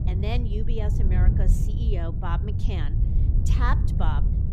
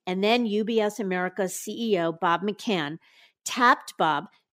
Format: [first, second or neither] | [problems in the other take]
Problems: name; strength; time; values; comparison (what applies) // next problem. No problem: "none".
second | wind noise on the microphone; heavy; 5 dB below the speech